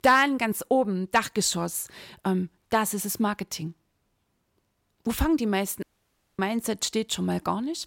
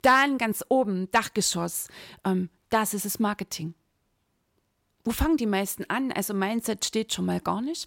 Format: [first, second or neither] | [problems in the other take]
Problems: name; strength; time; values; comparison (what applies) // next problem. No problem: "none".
second | audio cutting out; at 6 s for 0.5 s